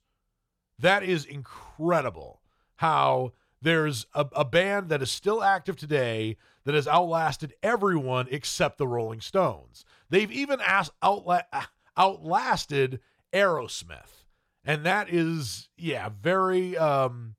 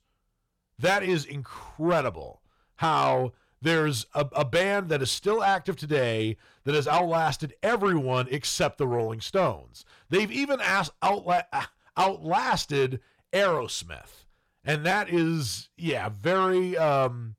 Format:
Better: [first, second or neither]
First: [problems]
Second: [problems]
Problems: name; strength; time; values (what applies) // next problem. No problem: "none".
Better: first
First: none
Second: distortion; slight; 10 dB below the speech